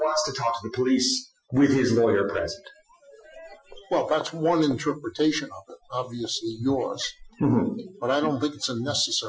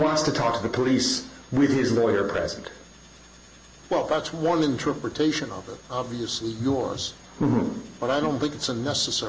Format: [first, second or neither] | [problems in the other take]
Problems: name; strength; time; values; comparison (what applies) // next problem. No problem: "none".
second | noise reduction (classical method Wiener filter)